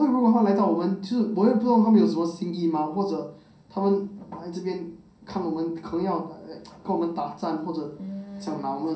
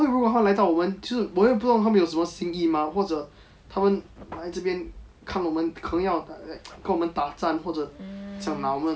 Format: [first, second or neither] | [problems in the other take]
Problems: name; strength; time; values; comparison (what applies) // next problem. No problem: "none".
second | room echo; dies away in 0.6 s